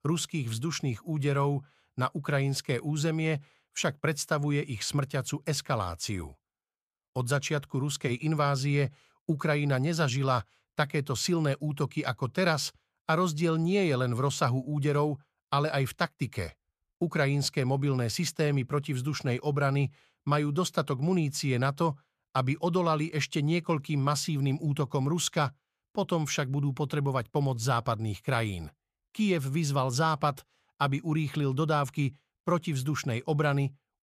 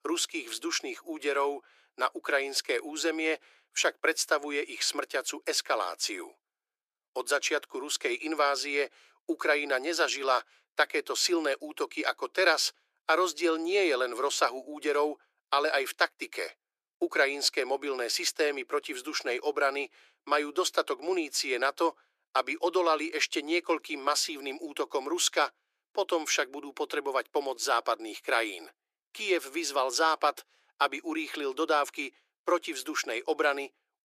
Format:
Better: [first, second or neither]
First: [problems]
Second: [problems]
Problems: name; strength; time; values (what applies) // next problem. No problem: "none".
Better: first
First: none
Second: thin; very; fading below 350 Hz